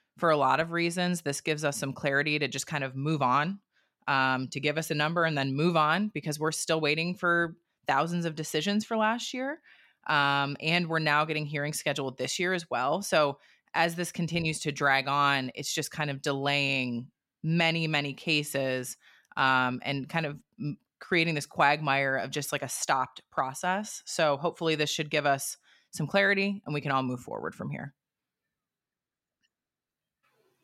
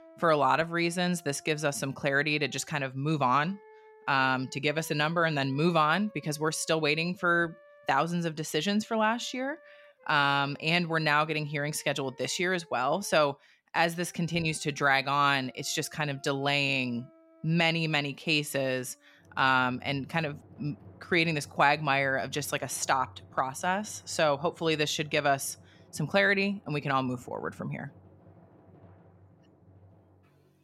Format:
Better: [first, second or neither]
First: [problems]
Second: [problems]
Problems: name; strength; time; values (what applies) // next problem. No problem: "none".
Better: first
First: none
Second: background music; faint; throughout; 30 dB below the speech